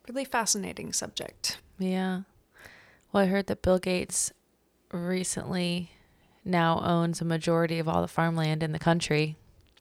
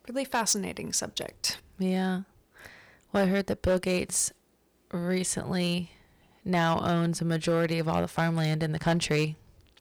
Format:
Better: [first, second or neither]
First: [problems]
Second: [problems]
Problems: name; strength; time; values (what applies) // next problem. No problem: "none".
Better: first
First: none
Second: distortion; slight; 3% of the sound clipped